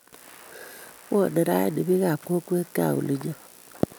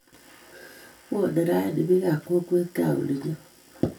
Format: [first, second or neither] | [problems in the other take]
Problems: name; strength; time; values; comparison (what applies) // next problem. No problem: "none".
first | room echo; dies away in 0.2 s